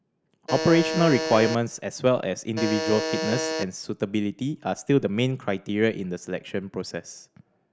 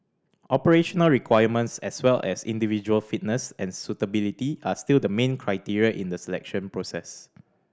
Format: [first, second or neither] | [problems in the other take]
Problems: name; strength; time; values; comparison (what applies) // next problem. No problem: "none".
second | background sound (Alarm); 4 dB below the speech